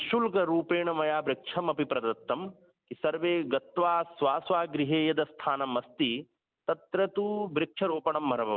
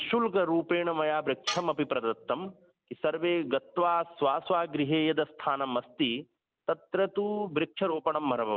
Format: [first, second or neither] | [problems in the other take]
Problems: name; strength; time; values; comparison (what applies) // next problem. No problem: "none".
first | background sound (Tools); 15 dB below the speech